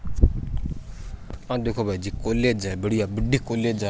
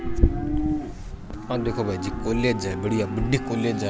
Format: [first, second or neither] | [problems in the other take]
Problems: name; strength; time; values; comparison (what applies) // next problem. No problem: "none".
first | background sound (Livestock, farm animals, working animals); 6 dB below the speech